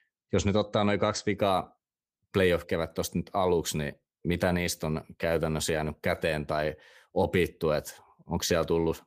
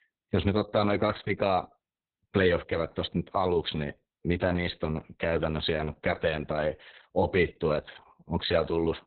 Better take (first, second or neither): first